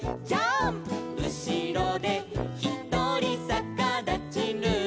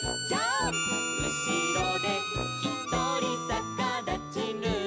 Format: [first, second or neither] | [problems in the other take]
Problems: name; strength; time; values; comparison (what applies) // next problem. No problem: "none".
first | background sound (Harmonica); 2 dB below the speech